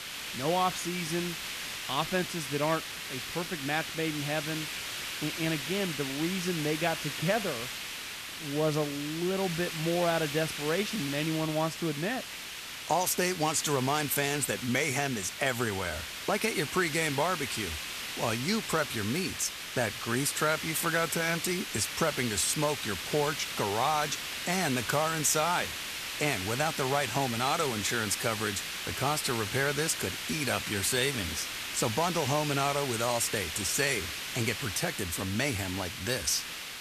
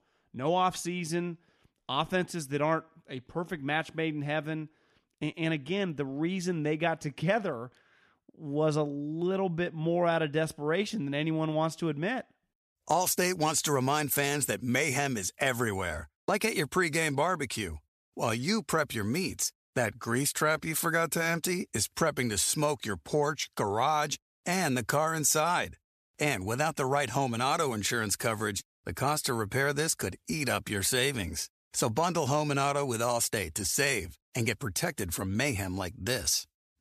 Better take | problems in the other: second | hiss; loud; throughout; 5 dB below the speech

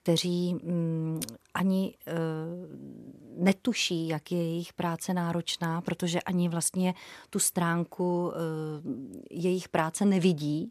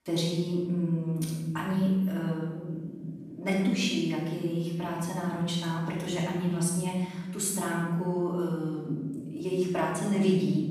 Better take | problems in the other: first | off-mic speech; far // room echo; noticeable; dies away in 1.4 s

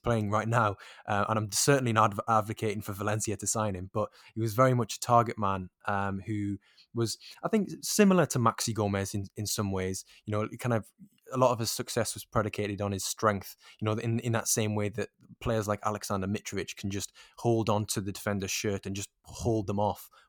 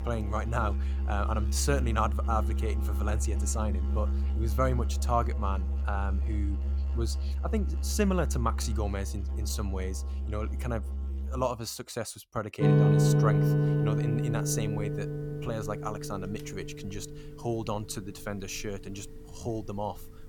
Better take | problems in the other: first | background music; very loud; throughout; 4 dB above the speech

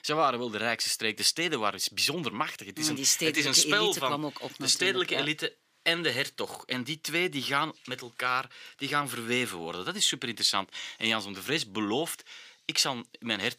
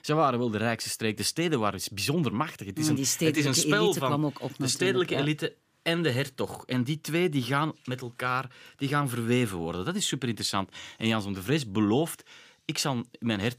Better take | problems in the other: second | thin; somewhat; fading below 550 Hz

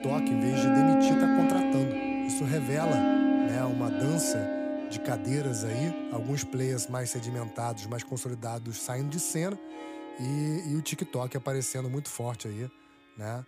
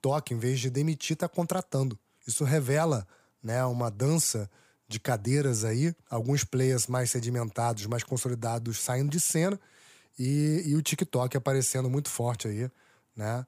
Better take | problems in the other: second | background music; very loud; throughout; 5 dB above the speech

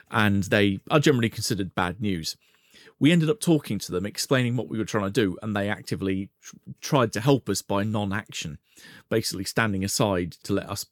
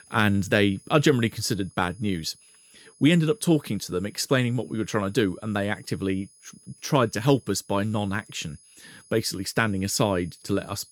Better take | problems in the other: first | high-pitched whine; faint; throughout; 10 kHz, 25 dB below the speech

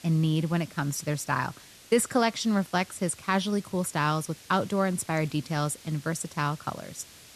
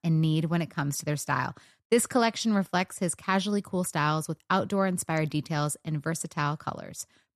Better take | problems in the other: second | hiss; faint; throughout; 20 dB below the speech

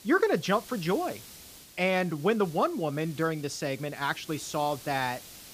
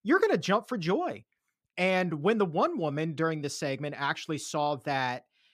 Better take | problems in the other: second | hiss; noticeable; throughout; 15 dB below the speech

